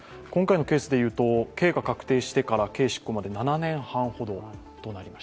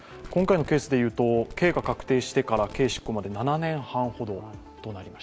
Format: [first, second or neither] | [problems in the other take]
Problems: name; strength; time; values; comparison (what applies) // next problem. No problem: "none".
first | background sound (Fireworks); 17 dB below the speech